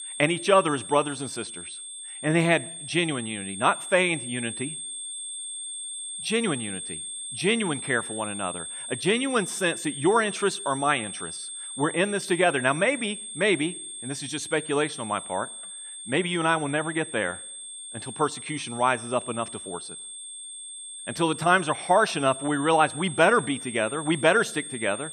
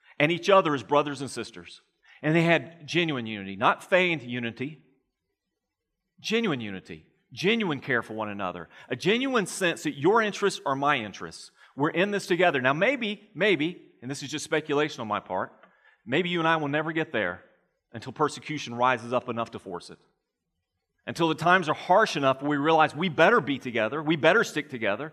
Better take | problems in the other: second | high-pitched whine; loud; throughout; 8.5 kHz, 9 dB below the speech

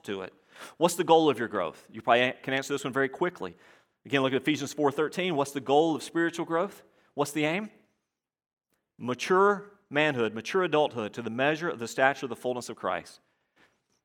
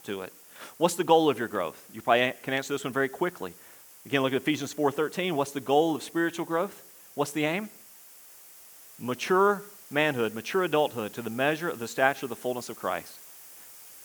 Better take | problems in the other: first | hiss; noticeable; throughout; 20 dB below the speech

